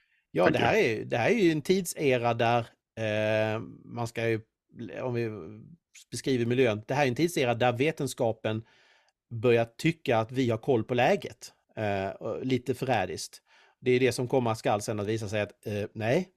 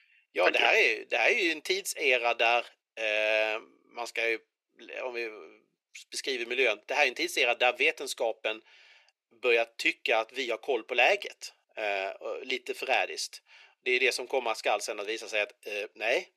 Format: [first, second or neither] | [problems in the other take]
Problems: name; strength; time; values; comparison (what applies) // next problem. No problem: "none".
first | thin; very; fading below 400 Hz